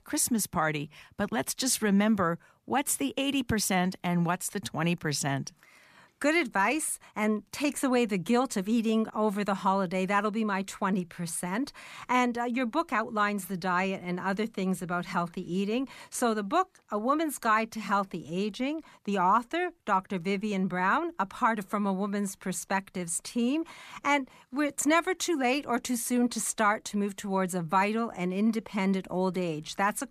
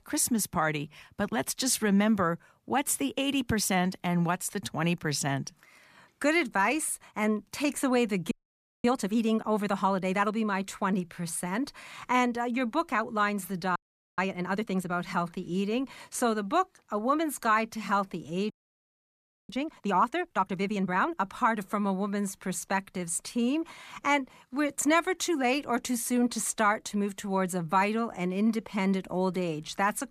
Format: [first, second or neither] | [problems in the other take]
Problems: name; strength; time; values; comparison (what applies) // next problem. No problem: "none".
first | audio freezing; at 8.5 s for 0.5 s, at 14 s and at 19 s for 1 s